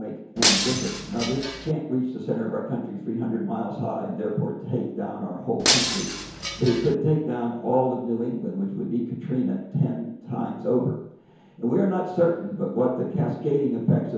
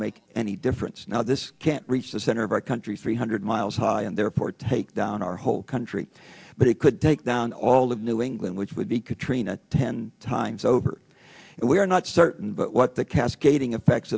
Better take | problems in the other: second | background sound (Shatter); as loud as the speech // room echo; dies away in 1 s

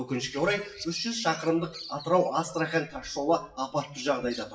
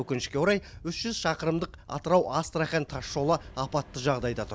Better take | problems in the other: second | noise reduction (classical method WPE with log-MMSE)

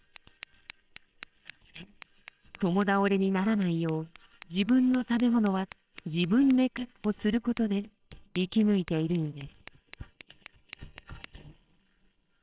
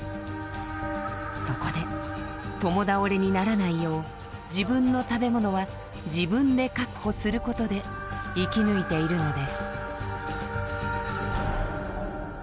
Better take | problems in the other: second | noise reduction (neural separator model SepFormer WHAMR!)

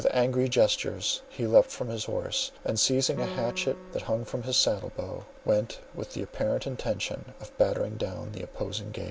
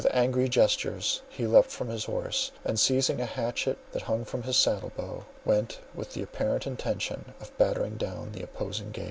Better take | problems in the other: second | background sound (Piano); 17 dB below the speech

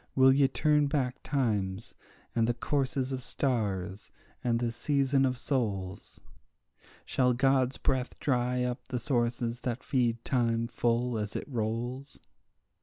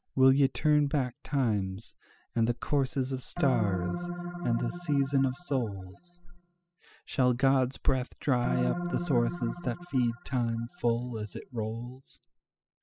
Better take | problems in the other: first | noise reduction (classical method spectral subtraction)

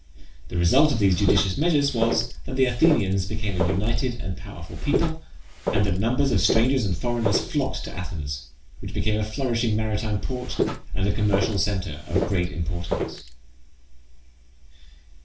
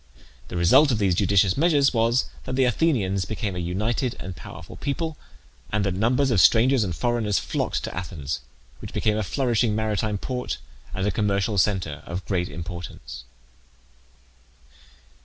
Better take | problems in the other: second | background sound (Walk, footsteps); 7 dB below the speech // room echo; dies away in 0.3 s

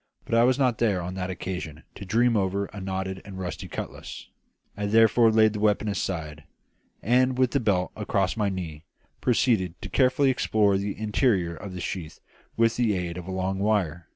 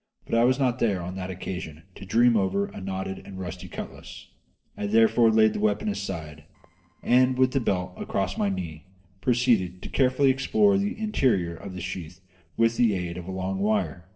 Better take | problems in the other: first | noise reduction (neural separator model SepFormer DNS4)

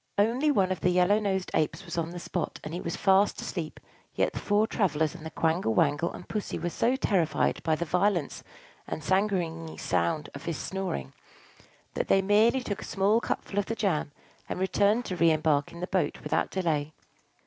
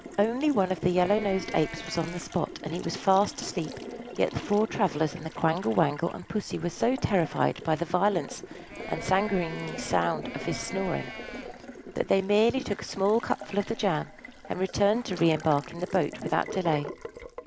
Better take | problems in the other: first | background sound (Livestock, farm animals, working animals + Water tap, faucet); 13 dB below the speech

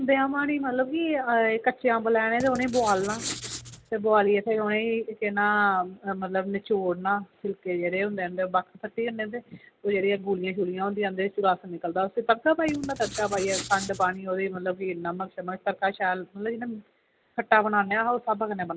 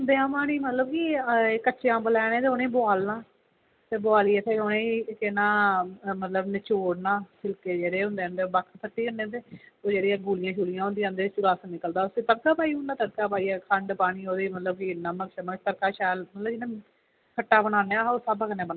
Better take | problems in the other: second | background sound (Writing); 11 dB below the speech

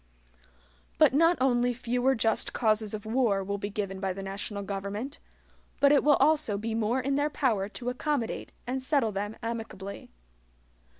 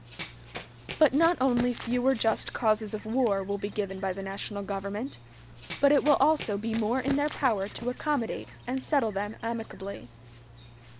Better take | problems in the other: first | background sound (Run); 15 dB below the speech

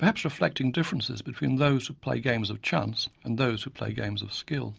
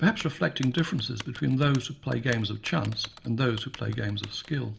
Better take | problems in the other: first | background sound (Typing); 19 dB below the speech // room echo; dies away in 0.4 s

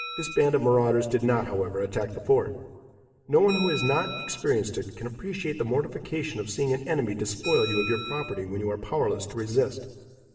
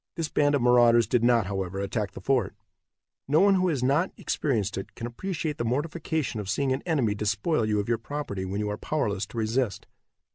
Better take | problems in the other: second | background sound (Bell); 13 dB below the speech // room echo; dies away in 1.9 s

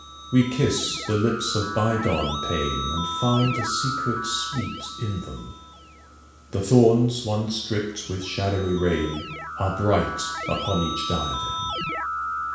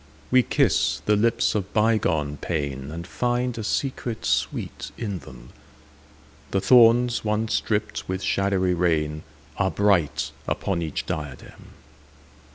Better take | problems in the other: second | background sound (Keyboard (musical)); 7 dB below the speech // room echo; dies away in 0.7 s

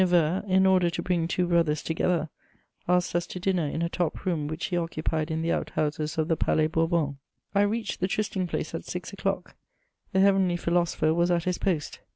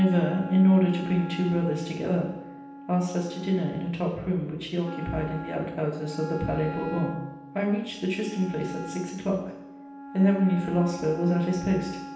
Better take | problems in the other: first | background sound (Wind instrument, woodwind instrument); 13 dB below the speech // room echo; dies away in 0.9 s

